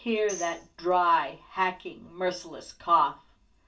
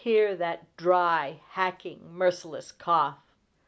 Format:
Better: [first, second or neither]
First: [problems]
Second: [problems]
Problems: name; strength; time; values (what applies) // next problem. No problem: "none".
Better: second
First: background sound (Tambourine); 18 dB below the speech // room echo; dies away in 0.2 s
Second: none